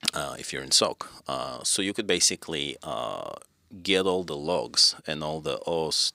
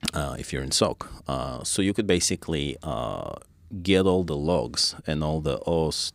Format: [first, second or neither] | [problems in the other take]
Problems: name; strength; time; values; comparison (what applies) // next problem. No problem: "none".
second | thin; very slightly; fading below 1 kHz